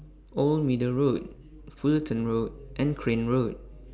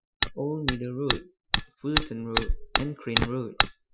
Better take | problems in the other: first | noise reduction (classical method Wiener filter)

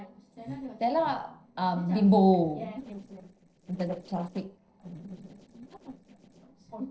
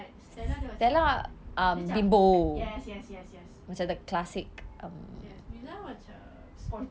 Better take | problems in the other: second | noise reduction (neural separator model SepFormer DNS4)

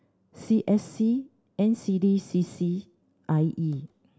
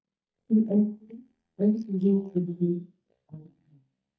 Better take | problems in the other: first | noise reduction (neural mask model DeepFilterNet 3)

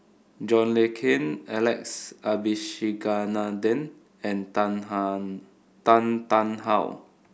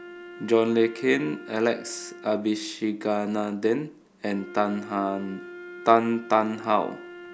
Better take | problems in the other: first | background sound (Wind instrument, woodwind instrument); 17 dB below the speech

